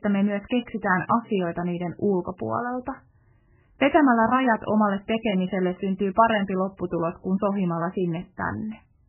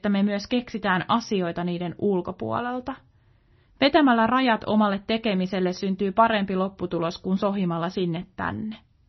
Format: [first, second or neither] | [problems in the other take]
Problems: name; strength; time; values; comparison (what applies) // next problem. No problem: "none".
second | garbled, watery; badly; nothing above 3 kHz; slightly in the second